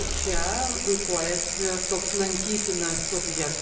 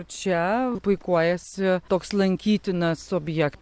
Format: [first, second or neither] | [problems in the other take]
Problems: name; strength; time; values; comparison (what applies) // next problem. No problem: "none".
second | background sound (Bicycle); 2 dB above the speech // room echo; dies away in 0.6 s